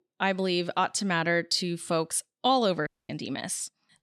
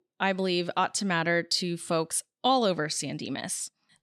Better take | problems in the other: second | audio cutting out; at 3 s

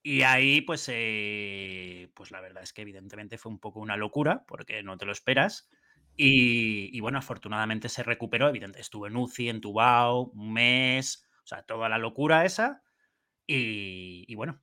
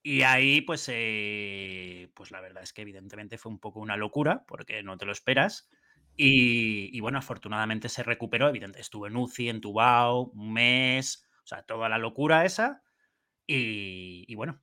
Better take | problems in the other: neither | none

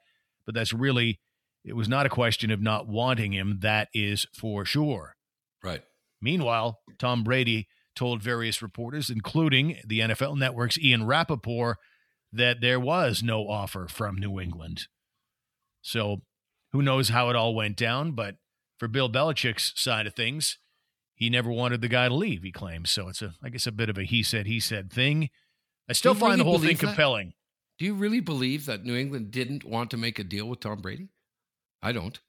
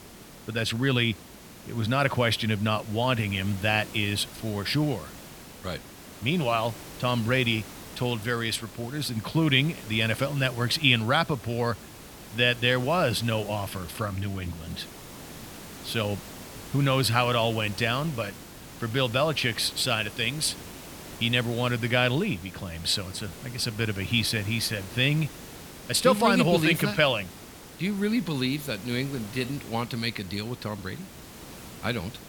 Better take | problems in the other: first | hiss; noticeable; throughout; 15 dB below the speech

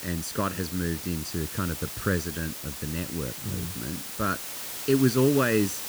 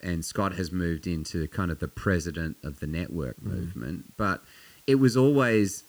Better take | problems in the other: second | hiss; loud; throughout; 6 dB below the speech; faint in the second

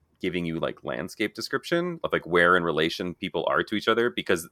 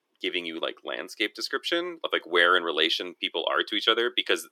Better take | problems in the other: first | thin; somewhat; fading below 300 Hz

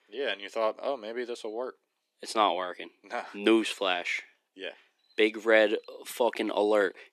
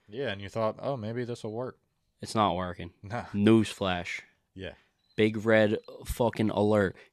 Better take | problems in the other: second | thin; somewhat; fading below 300 Hz

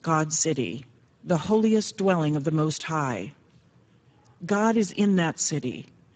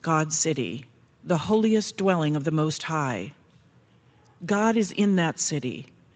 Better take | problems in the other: second | garbled, watery; badly; nothing above 7.5 kHz; slightly in the second

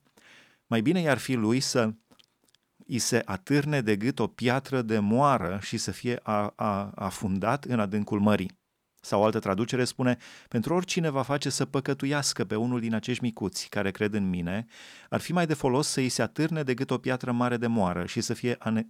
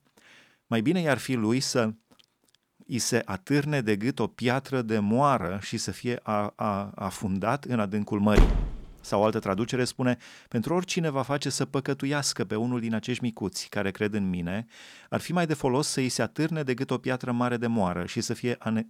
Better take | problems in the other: first | door banging; loud; at 8.5 s; peak 3 dB above the speech

